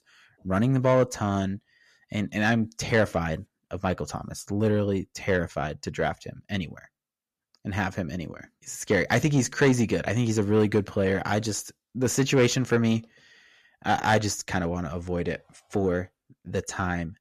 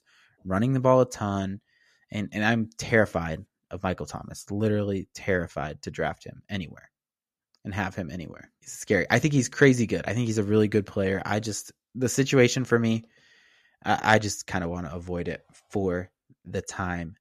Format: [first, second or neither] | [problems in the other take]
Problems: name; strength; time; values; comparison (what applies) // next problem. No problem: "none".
second | distortion; slight; 10 dB below the speech